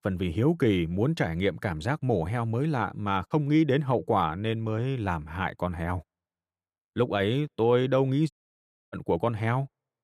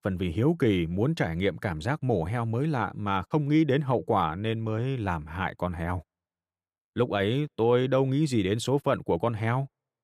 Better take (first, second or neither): second